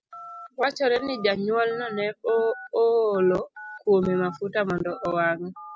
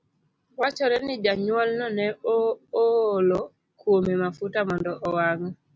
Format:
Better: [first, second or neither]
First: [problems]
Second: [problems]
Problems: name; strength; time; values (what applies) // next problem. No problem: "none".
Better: second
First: noise reduction (classical method spectral subtraction)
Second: none